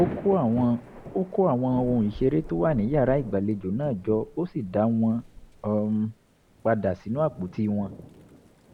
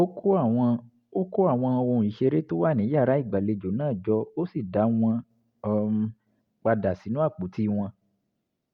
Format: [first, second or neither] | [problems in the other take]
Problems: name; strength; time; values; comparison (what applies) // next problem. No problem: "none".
second | background sound (Thunder / Rain); 15 dB below the speech